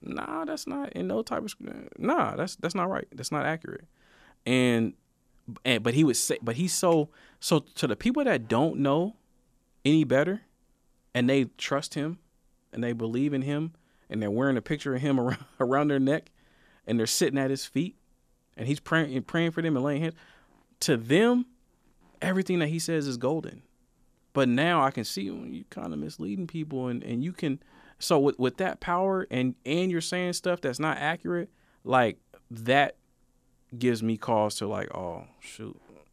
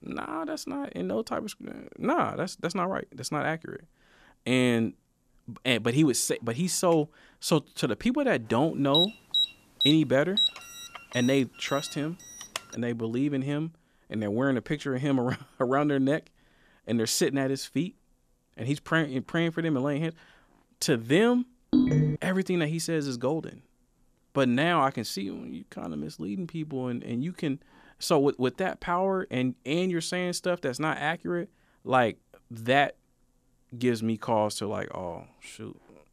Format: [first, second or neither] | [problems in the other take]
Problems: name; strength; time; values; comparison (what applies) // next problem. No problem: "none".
first | alarm; loud; from 9 to 13 s; peak 4 dB above the speech // phone ringing; loud; at 22 s; peak 5 dB above the speech